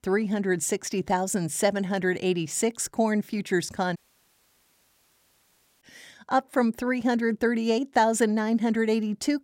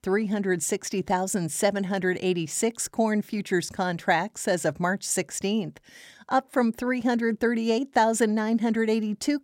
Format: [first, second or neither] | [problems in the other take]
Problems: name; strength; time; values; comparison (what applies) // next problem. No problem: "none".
second | audio cutting out; at 4 s for 2 s